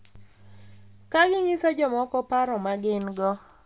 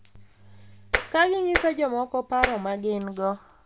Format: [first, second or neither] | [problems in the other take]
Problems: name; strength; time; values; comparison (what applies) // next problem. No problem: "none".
first | background sound (Tap); 3 dB below the speech